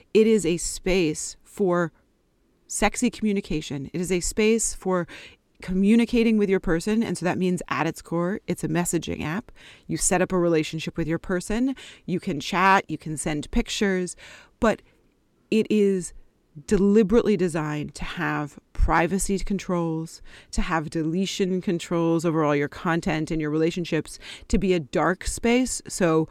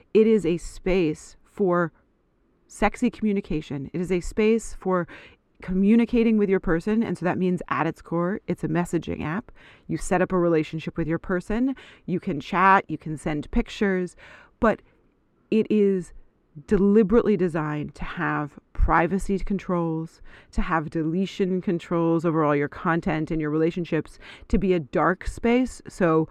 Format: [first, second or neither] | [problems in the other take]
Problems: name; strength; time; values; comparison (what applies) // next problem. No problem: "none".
first | muffled; slightly; fading above 3.5 kHz